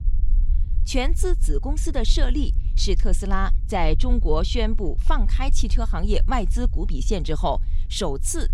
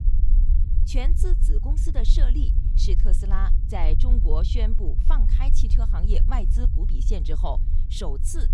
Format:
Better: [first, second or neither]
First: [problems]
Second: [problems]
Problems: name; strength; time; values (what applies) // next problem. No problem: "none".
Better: first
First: low rumble; faint; throughout; 20 dB below the speech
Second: low rumble; loud; throughout; 8 dB below the speech